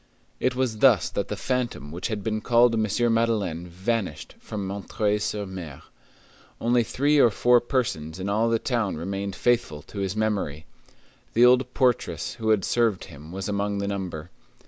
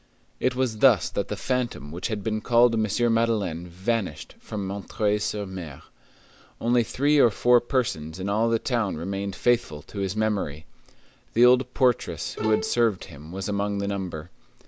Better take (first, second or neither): first